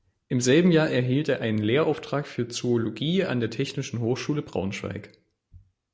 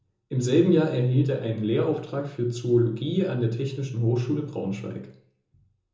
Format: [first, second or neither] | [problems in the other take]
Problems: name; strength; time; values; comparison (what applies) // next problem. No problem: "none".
first | room echo; dies away in 0.6 s